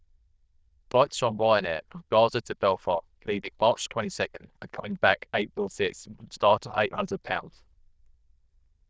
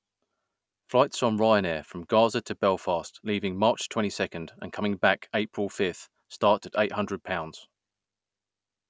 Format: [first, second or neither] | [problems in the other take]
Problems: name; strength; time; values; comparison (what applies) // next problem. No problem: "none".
second | noise reduction (neural diffusion model UNIVERSE++)